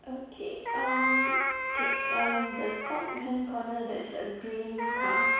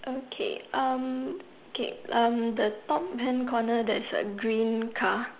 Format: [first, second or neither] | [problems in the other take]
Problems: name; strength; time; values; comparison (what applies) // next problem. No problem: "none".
second | background sound (Meow); 4 dB above the speech // room echo; dies away in 1.1 s